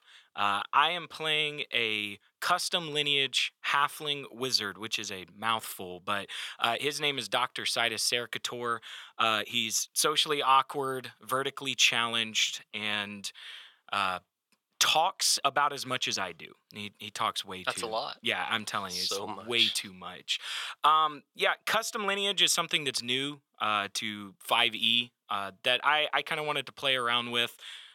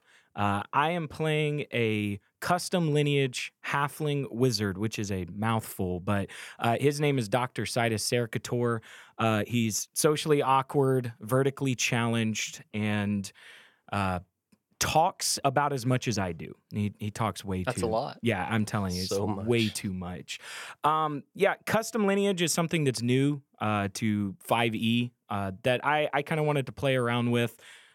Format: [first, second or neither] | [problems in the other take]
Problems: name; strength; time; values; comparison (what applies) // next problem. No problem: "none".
second | thin; somewhat; fading below 1 kHz